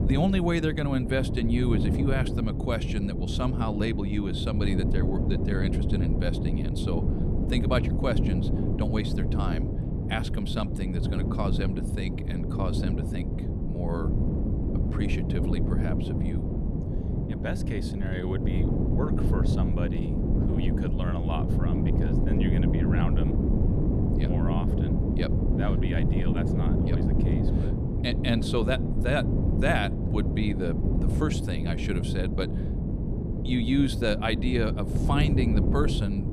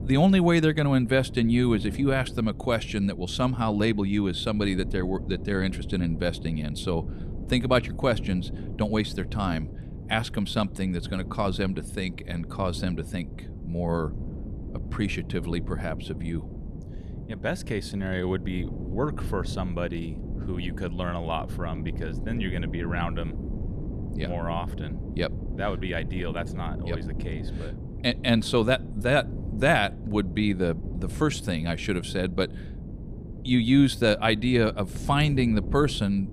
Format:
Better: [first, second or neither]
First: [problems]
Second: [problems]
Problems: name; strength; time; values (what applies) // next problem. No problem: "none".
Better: second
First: wind noise on the microphone; heavy; 3 dB below the speech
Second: wind noise on the microphone; occasional gusts; 15 dB below the speech